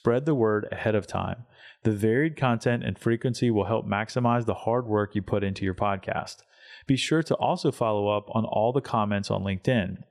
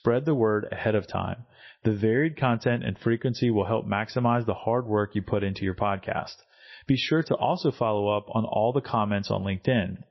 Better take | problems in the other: first | garbled, watery; slightly; nothing above 5.5 kHz

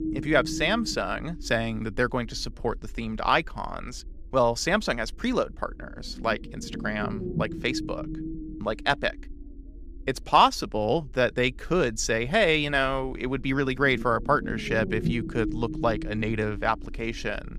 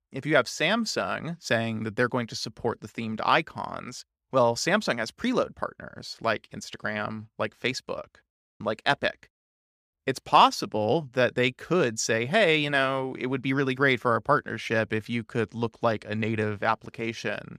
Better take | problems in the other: second | low rumble; noticeable; throughout; 15 dB below the speech

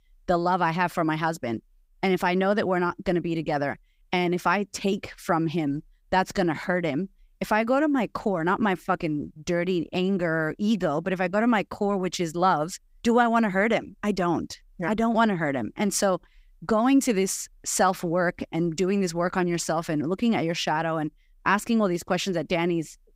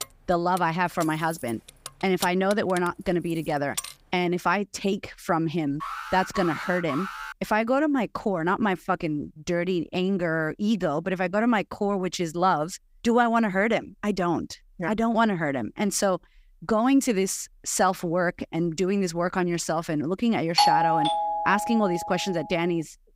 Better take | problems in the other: first | jangling keys; noticeable; until 4 s; peak 8 dB below the speech // alarm; noticeable; from 6 to 7.5 s; peak 8 dB below the speech // doorbell; loud; from 21 to 22 s; peak 6 dB above the speech

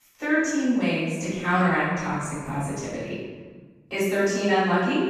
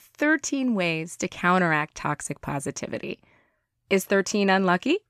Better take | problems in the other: second | off-mic speech; far // room echo; strong; dies away in 1.4 s

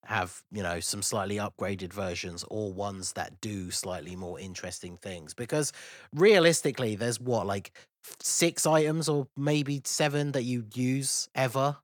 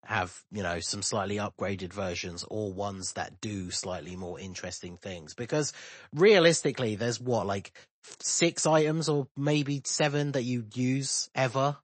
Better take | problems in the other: first | garbled, watery; slightly; nothing above 8 kHz

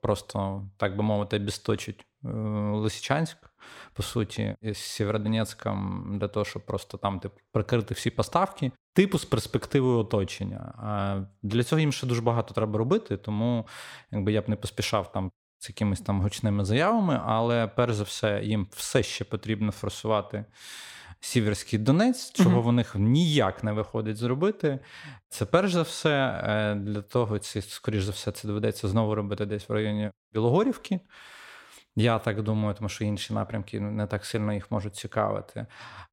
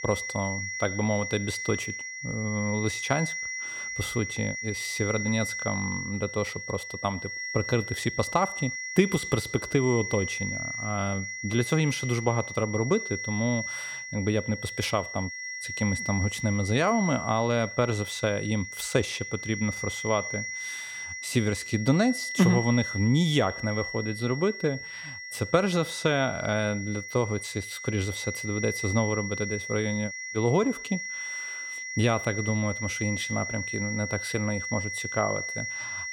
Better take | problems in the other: first | high-pitched whine; loud; throughout; 2 kHz, 5 dB below the speech

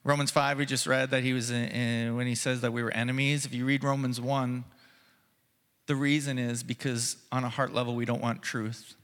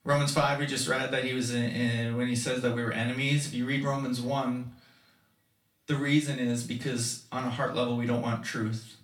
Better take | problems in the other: first | off-mic speech; far // room echo; slight; dies away in 0.3 s

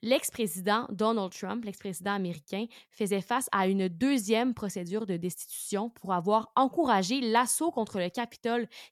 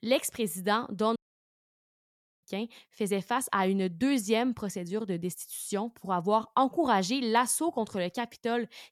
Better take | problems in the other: first | audio cutting out; at 1 s for 1.5 s

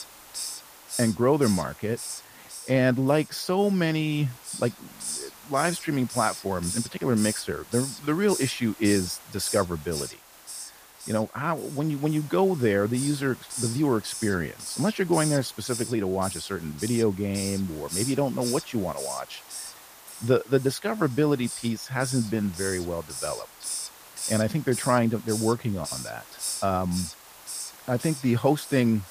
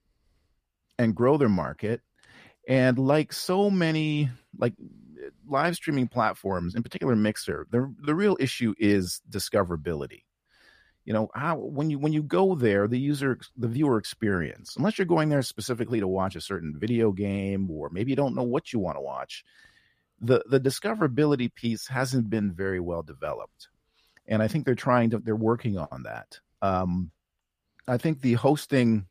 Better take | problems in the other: second | hiss; loud; throughout; 8 dB below the speech

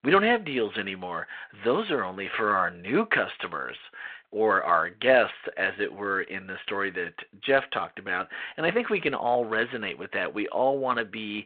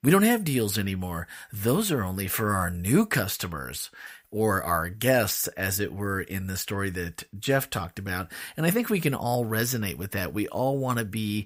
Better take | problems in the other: second | phone-call audio

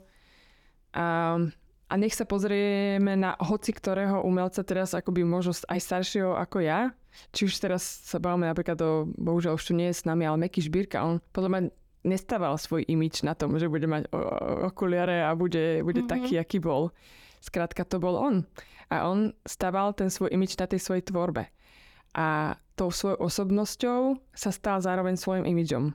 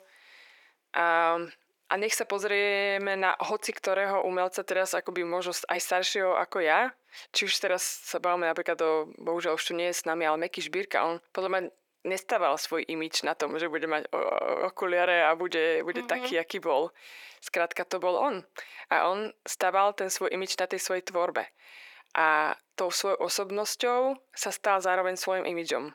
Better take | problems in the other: first | thin; very; fading below 450 Hz

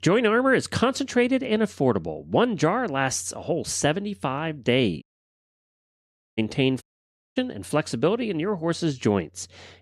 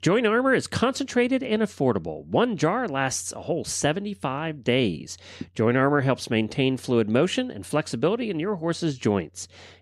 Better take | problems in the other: second | audio cutting out; at 5 s for 1.5 s and at 7 s for 0.5 s

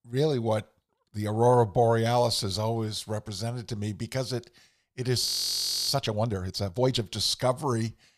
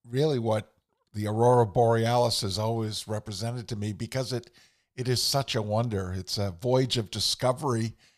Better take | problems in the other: second | audio freezing; at 5.5 s for 0.5 s

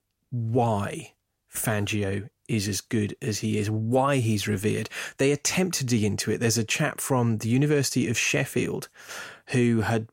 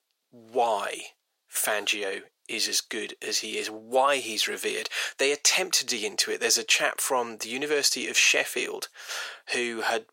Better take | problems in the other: first | thin; very; fading below 450 Hz

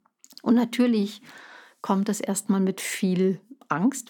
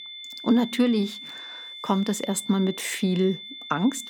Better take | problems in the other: first | high-pitched whine; noticeable; throughout; 3.5 kHz, 10 dB below the speech

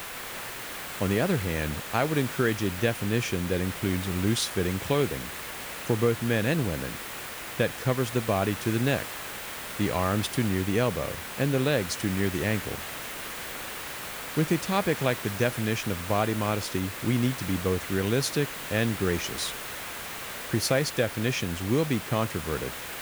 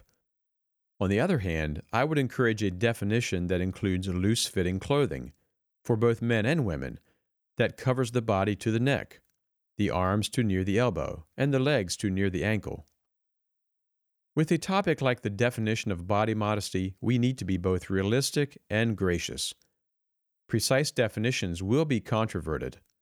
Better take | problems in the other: second | hiss; loud; throughout; 7 dB below the speech

